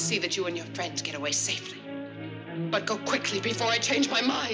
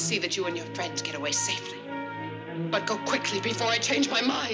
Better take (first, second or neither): first